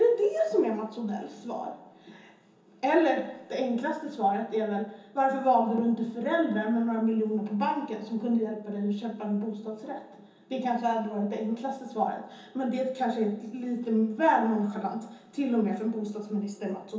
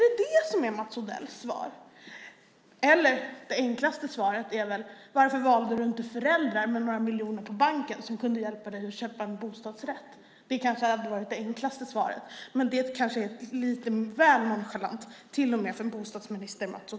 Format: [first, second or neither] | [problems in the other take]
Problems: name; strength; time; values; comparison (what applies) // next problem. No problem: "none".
second | room echo; dies away in 0.6 s